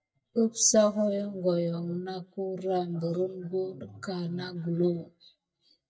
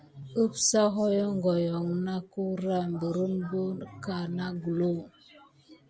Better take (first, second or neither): second